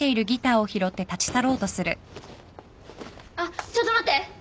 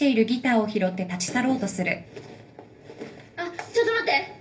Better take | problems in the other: first | room echo; dies away in 0.3 s

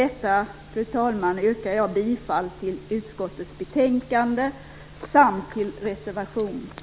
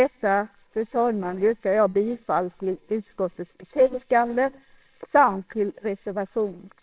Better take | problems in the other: first | noise reduction (neural separator model SepFormer WHAMR!)

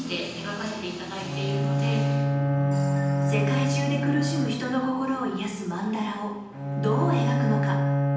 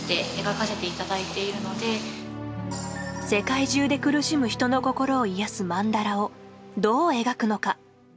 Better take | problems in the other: second | background sound (Bowed string instrument); 3 dB above the speech // room echo; dies away in 0.9 s

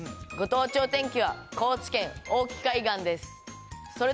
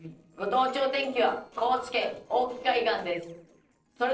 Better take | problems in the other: first | noise reduction (neural separator model SepFormer DNS4)

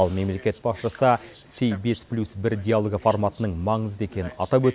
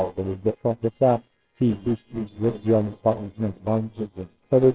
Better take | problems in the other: first | noise reduction (neural separator model SepFormer WHAMR!)

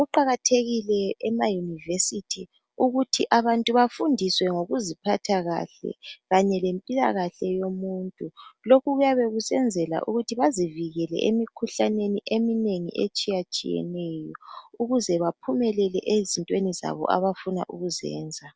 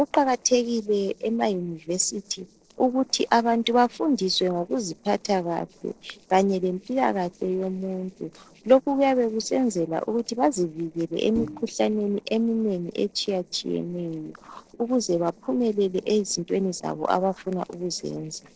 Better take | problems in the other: first | noise reduction (neural separator model SepFormer DNS4)

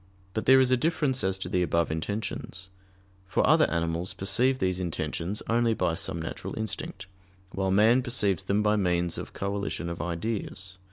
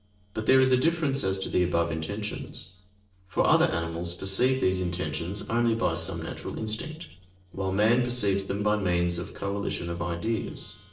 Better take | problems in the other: first | noise reduction (neural separator model SepFormer DNS4)

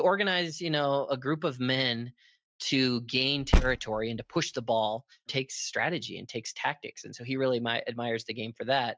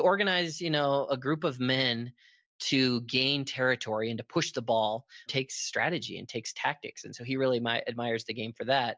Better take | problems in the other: second | noise reduction (neural mask model RNNoise)

